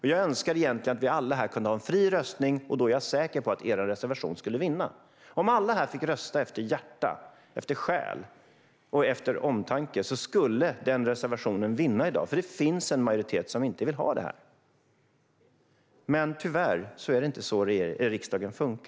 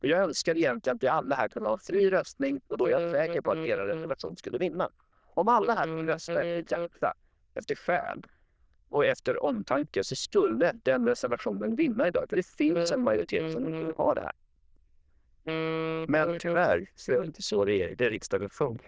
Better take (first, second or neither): first